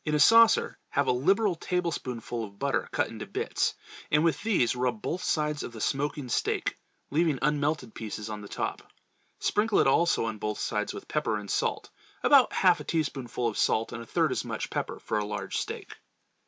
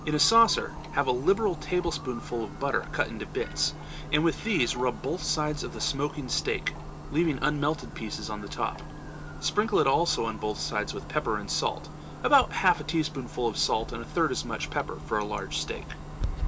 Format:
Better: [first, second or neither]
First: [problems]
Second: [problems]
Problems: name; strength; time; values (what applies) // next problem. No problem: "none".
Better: first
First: none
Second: background sound (Clock); 10 dB below the speech